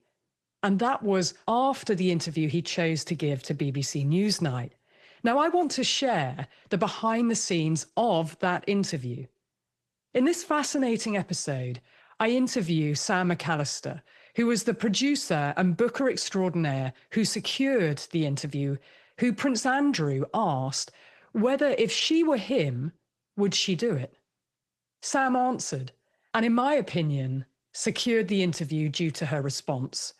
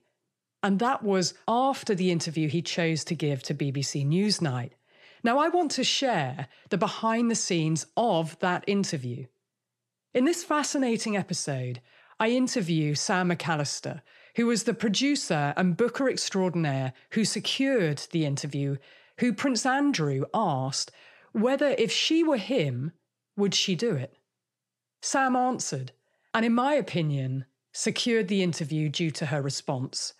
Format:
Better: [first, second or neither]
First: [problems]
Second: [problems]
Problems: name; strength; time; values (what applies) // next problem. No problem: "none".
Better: second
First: garbled, watery; slightly; nothing above 13.5 kHz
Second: none